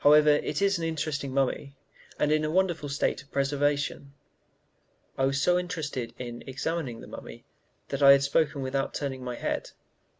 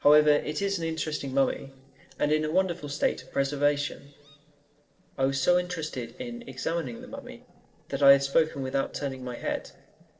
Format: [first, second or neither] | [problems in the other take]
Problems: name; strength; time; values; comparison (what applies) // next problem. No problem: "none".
first | noise reduction (neural separator model SepFormer DNS4)